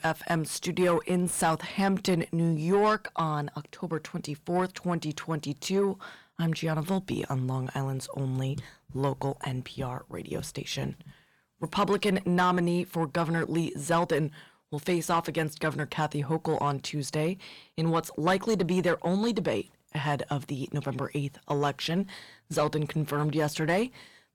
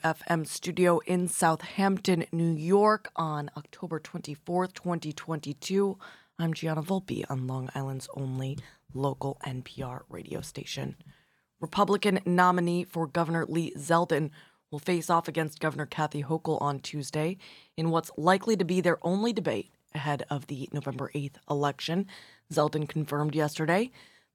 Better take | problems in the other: second | distortion; slight; 10 dB below the speech

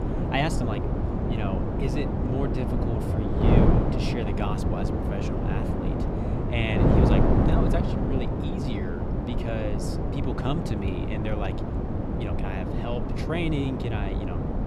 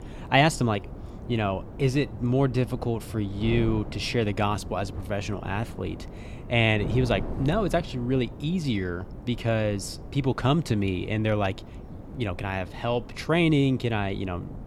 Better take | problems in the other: second | wind noise on the microphone; heavy; 2 dB above the speech; occasional gusts in the second

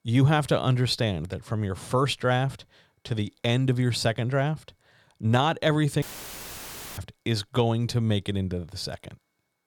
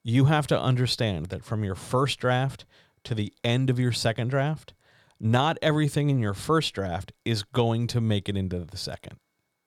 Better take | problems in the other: second | audio cutting out; filled with static; at 6 s for 1 s

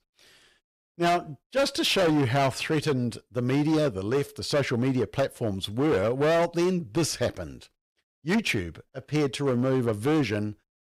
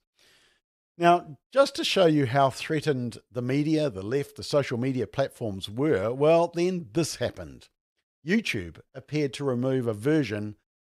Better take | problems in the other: second | distortion; heavy; 12% of the sound clipped

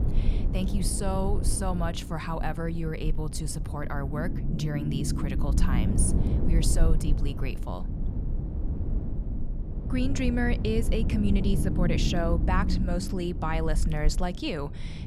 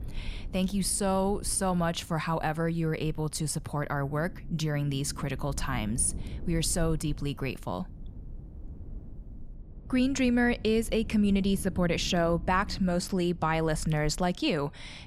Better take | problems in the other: second | low rumble; loud; throughout; 7 dB below the speech; faint in the second

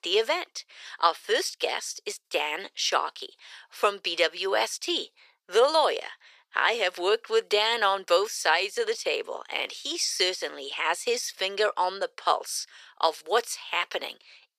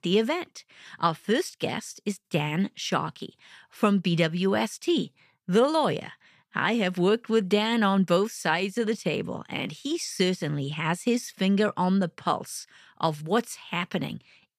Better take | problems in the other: second | thin; very; fading below 450 Hz

